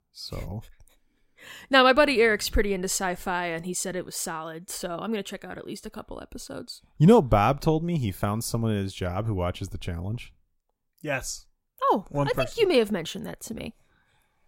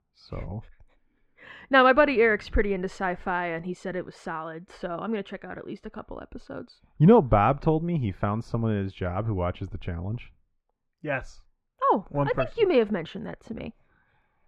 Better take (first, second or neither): first